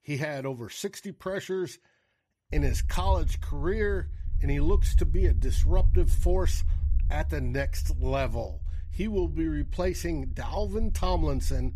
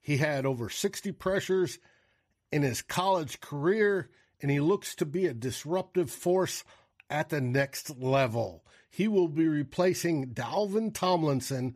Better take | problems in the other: second | low rumble; noticeable; from 2.5 s on; 15 dB below the speech

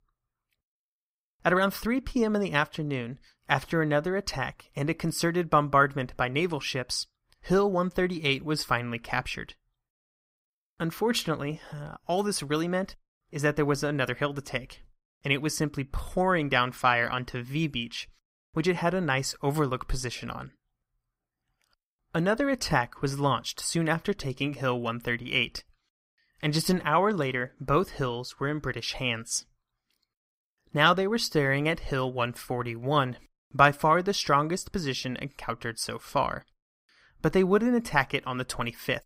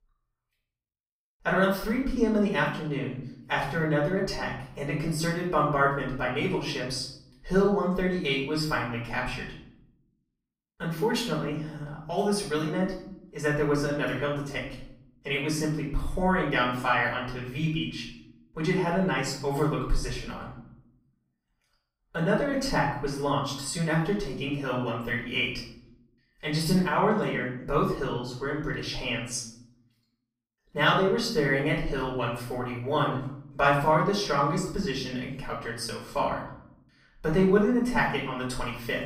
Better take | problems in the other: first | room echo; noticeable; dies away in 0.7 s // off-mic speech; far

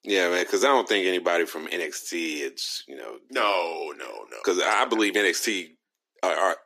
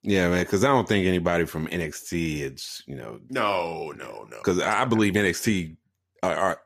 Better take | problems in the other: second | thin; somewhat; fading below 300 Hz

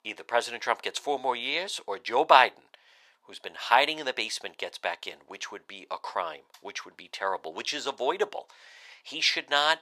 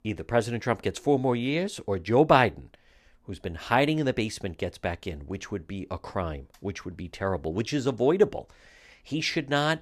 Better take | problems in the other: second | thin; very; fading below 800 Hz

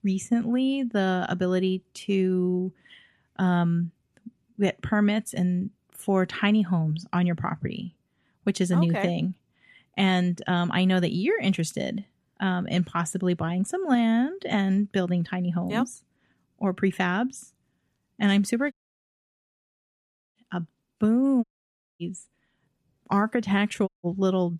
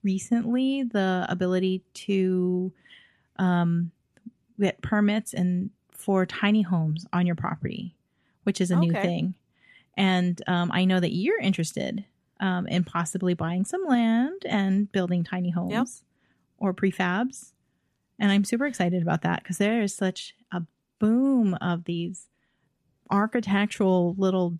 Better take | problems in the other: second | audio cutting out; at 19 s for 1.5 s, at 21 s for 0.5 s and at 24 s

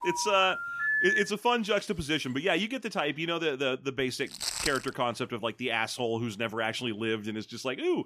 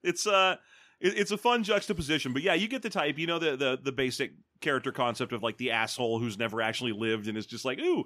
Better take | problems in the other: second | phone ringing; loud; until 1.5 s; peak 5 dB above the speech // footsteps; noticeable; at 4.5 s; peak 1 dB below the speech

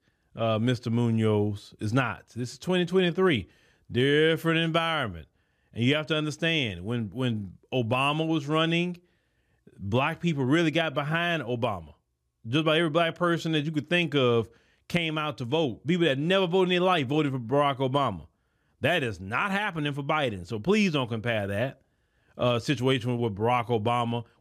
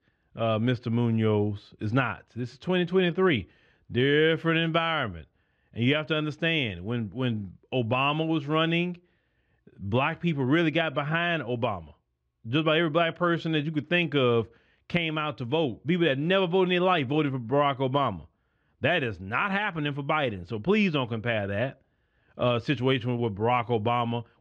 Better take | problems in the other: first | muffled; slightly; fading above 3 kHz

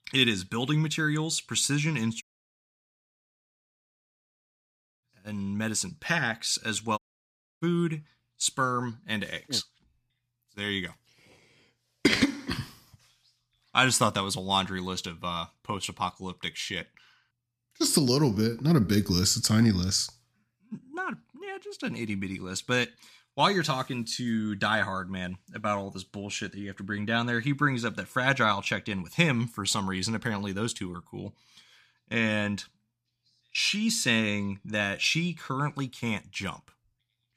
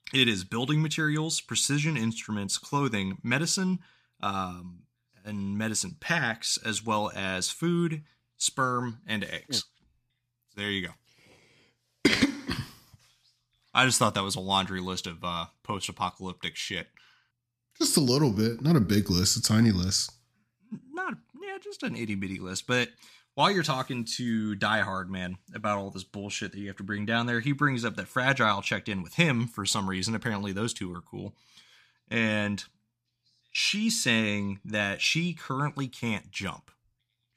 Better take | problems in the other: second | audio cutting out; at 2 s for 3 s and at 7 s for 0.5 s

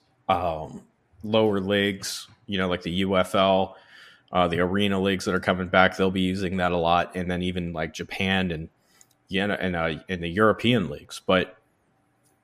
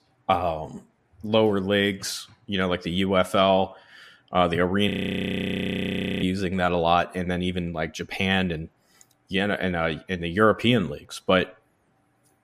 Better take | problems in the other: first | audio freezing; at 5 s for 1.5 s

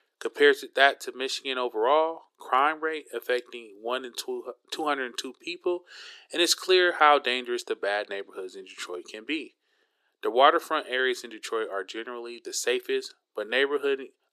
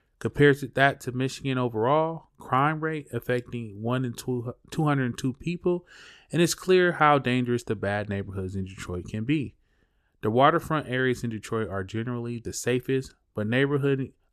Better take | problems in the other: second | thin; very; fading below 350 Hz

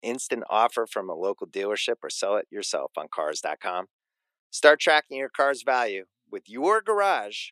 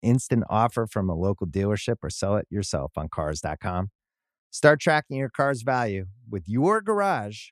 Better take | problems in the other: second | thin; very; fading below 350 Hz

